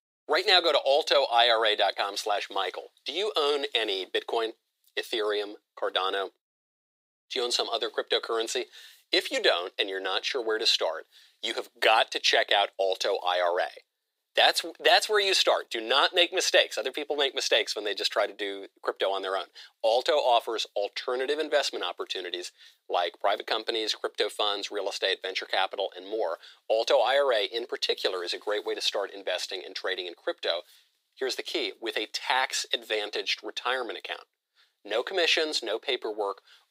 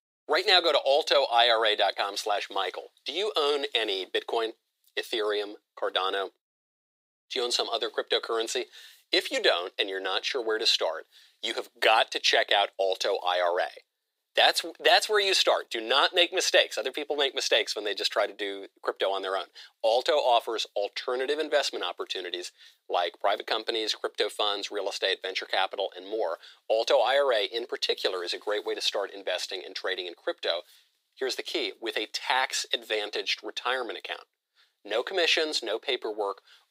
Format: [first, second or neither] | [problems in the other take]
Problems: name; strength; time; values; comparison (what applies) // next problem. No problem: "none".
neither | thin; very; fading below 400 Hz; the same in both